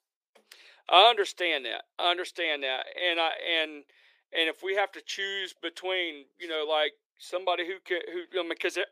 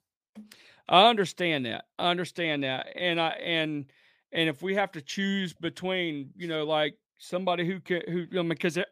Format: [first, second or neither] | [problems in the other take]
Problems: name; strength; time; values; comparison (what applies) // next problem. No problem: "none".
second | thin; very; fading below 350 Hz